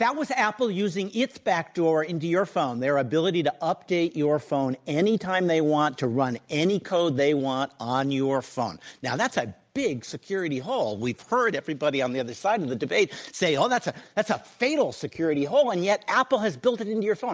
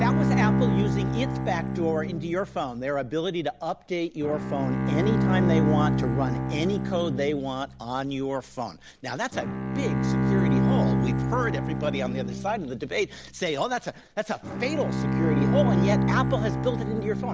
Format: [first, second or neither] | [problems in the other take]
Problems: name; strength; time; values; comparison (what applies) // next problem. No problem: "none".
first | background sound (Bowed string instrument); 3 dB above the speech